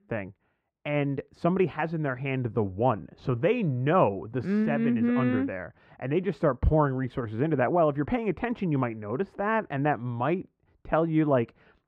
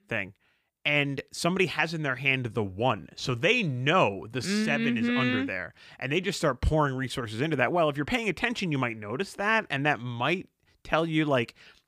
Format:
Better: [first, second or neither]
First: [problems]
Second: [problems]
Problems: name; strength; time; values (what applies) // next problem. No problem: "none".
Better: second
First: muffled; very; fading above 2.5 kHz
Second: none